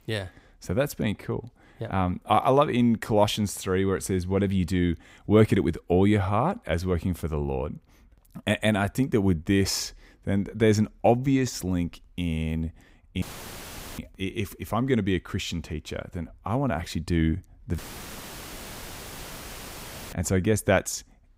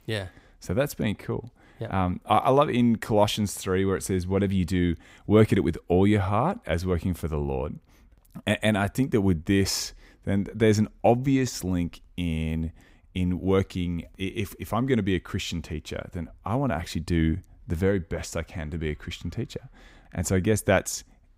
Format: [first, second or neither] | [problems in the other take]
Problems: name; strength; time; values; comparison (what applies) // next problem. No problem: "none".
second | audio cutting out; filled with static; at 13 s for 1 s and at 18 s for 2.5 s